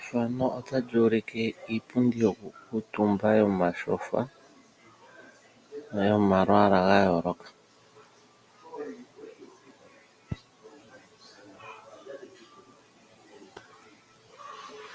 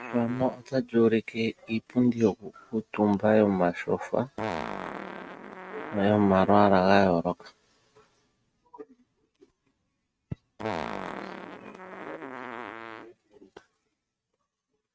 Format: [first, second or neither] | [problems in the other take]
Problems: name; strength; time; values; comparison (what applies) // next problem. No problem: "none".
first | noise reduction (neural mask model RNNoise)